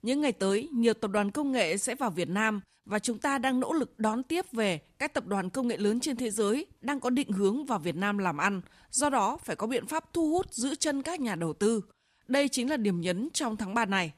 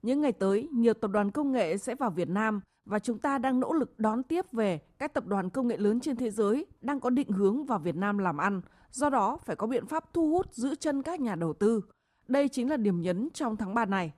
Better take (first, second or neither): first